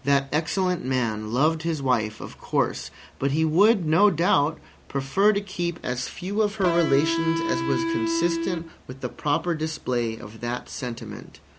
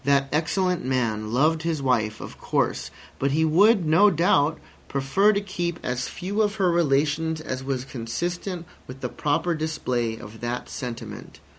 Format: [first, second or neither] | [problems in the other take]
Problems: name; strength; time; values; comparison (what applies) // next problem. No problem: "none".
second | background sound (Electric guitar); 2 dB below the speech